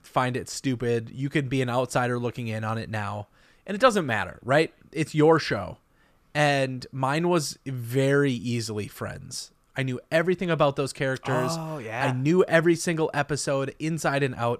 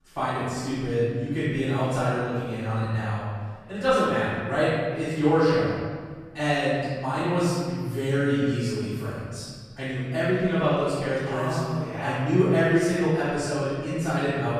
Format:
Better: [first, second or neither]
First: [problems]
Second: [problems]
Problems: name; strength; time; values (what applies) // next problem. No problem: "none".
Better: first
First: none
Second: off-mic speech; far // room echo; strong; dies away in 1.6 s